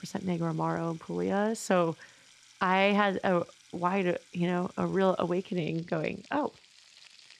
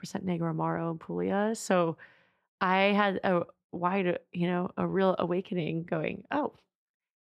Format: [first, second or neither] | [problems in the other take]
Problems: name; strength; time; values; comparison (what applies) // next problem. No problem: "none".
second | household noises; faint; throughout; 25 dB below the speech